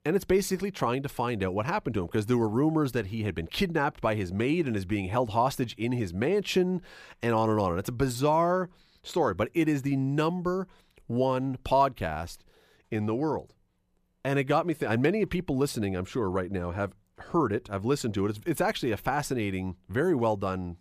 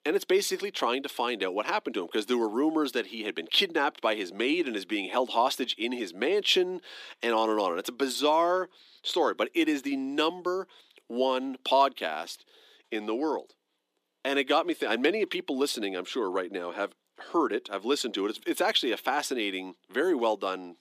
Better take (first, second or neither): first